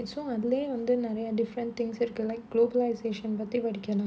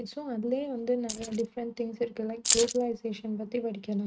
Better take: first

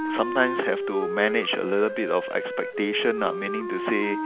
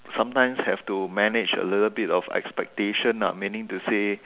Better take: second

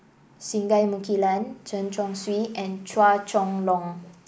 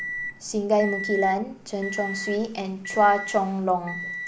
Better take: first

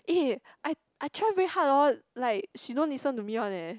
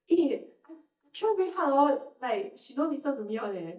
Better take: first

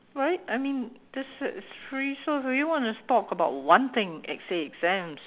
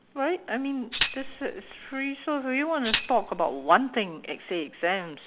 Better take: first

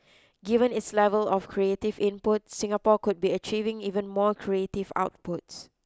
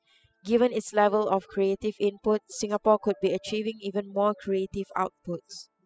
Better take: first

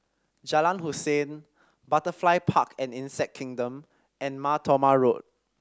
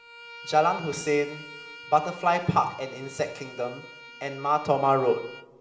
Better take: first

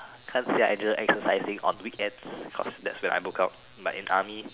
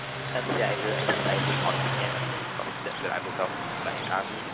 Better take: first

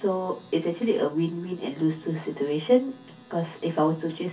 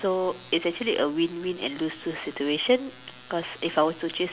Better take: second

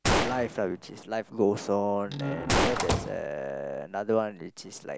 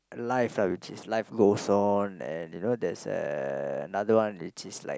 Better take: second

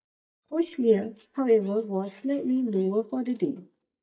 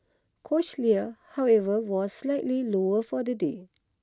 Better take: second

